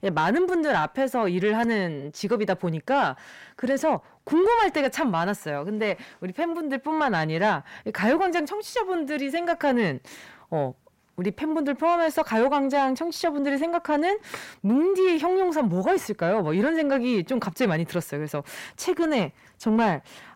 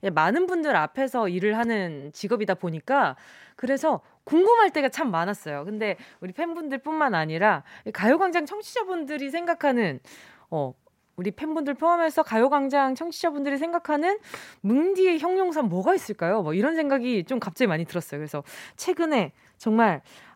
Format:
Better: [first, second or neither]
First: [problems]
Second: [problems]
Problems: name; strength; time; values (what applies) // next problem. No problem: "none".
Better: second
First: distortion; slight; 10 dB below the speech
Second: none